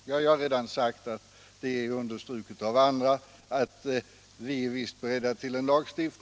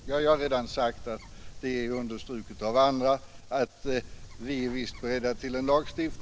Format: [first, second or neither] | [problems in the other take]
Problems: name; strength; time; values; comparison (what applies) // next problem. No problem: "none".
first | background sound (Bird); 12 dB below the speech